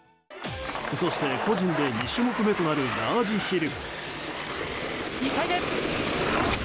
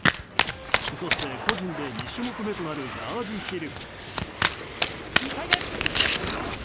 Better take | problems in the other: first | background sound (Domestic sounds, home sounds); 4 dB above the speech

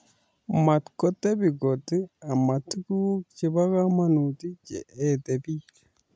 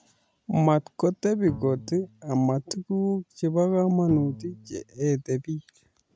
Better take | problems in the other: first | background sound (Bowed string instrument); 16 dB below the speech

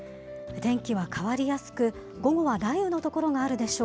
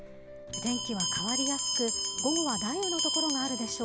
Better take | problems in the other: first | background sound (Bell); 1 dB above the speech

